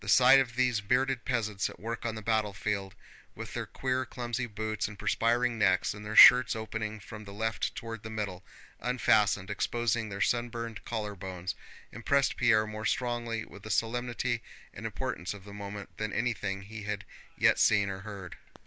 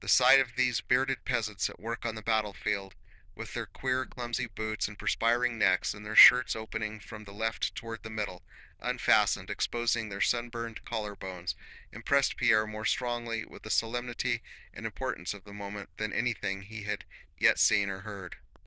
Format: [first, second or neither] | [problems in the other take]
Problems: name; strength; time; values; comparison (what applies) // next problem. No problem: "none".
first | noise reduction (neural diffusion model UNIVERSE++)